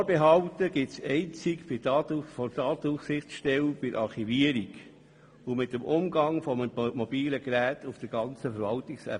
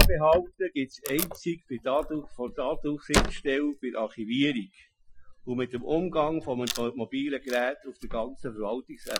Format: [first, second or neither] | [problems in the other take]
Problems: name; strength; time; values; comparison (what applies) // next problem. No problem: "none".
first | noise reduction (classical method Wiener filter)